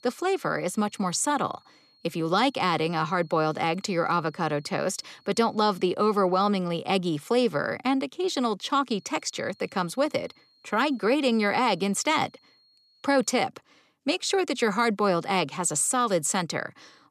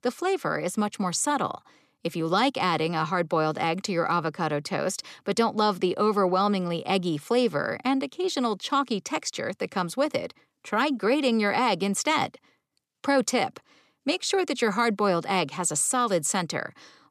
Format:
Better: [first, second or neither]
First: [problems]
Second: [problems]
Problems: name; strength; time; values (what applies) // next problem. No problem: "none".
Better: second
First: high-pitched whine; faint; until 6 s and from 9 to 13 s; 4.5 kHz, 30 dB below the speech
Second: none